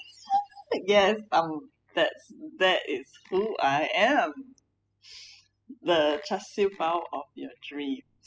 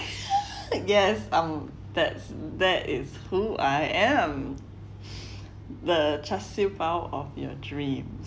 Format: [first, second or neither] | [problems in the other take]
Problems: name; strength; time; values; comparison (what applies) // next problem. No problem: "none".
second | noise reduction (classical method spectral subtraction)